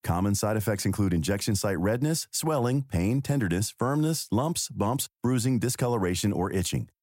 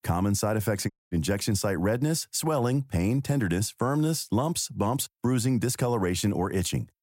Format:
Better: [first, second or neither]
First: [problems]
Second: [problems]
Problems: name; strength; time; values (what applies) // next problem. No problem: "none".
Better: first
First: none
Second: audio cutting out; at 1 s